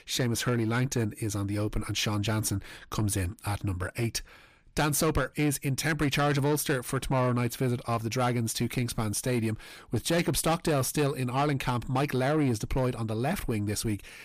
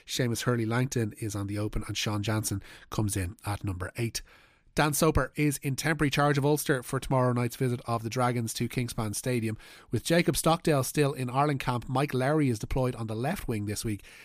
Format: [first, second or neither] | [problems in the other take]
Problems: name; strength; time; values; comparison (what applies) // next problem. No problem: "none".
second | distortion; slight; 10 dB below the speech